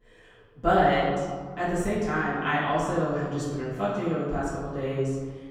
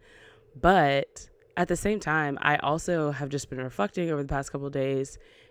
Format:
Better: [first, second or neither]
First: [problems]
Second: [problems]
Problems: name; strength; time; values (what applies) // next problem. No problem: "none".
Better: second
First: room echo; noticeable; dies away in 1.6 s // off-mic speech; far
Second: none